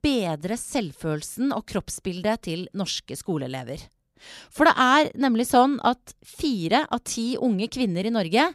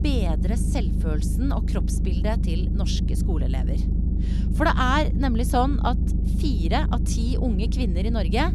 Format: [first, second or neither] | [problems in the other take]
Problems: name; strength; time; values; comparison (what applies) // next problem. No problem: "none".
first | low rumble; loud; throughout; 10 dB below the speech